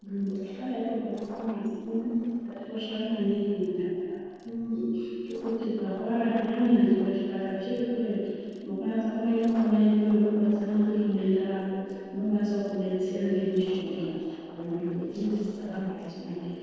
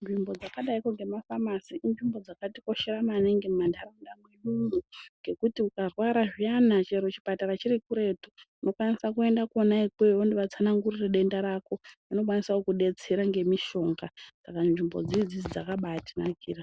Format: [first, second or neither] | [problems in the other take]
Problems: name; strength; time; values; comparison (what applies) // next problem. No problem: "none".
second | noise reduction (neural separator model SepFormer DNS4)